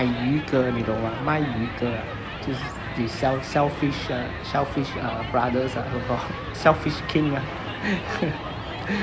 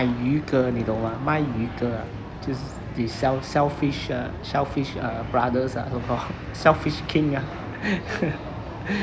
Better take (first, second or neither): second